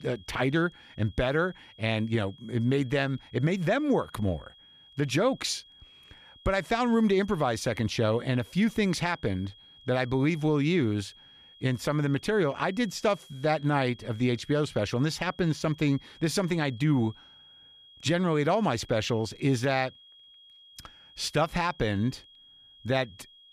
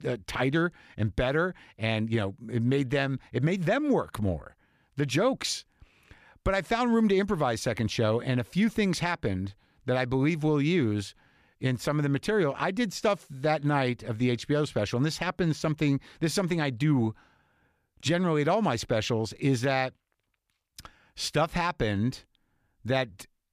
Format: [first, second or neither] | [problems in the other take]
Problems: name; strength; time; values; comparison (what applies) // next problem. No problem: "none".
second | high-pitched whine; faint; throughout; 3.5 kHz, 25 dB below the speech